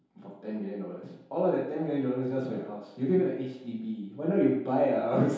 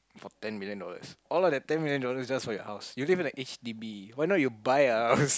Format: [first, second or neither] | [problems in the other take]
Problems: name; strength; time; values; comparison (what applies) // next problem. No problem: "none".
second | room echo; dies away in 0.8 s